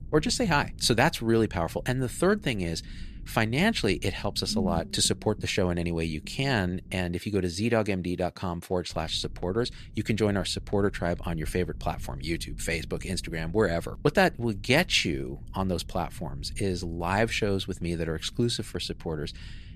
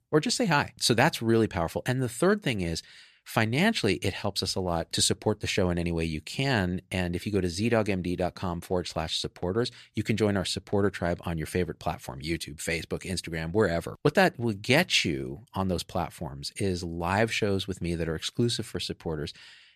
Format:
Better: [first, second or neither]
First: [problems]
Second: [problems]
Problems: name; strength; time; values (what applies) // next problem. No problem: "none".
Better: second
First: low rumble; faint; until 7 s and from 9 s on; 25 dB below the speech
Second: none